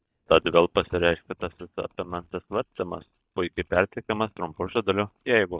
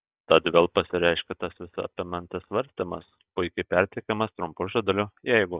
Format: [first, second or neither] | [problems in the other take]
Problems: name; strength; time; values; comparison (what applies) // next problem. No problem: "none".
second | noise reduction (neural mask model DeepFilterNet 3)